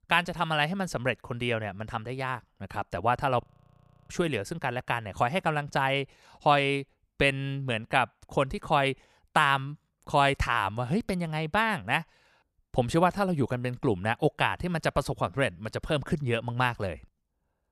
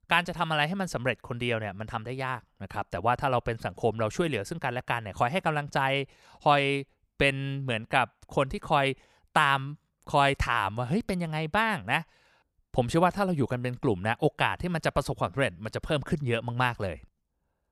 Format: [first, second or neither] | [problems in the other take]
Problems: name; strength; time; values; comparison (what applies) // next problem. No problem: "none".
second | audio freezing; at 3.5 s for 0.5 s